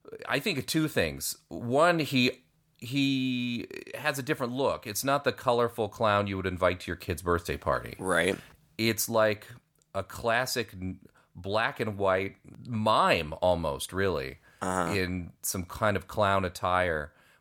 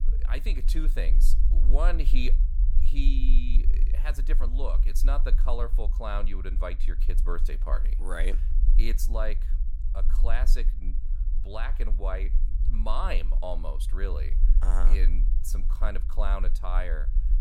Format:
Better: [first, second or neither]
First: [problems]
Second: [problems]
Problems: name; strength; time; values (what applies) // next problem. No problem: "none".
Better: first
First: none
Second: low rumble; noticeable; throughout; 15 dB below the speech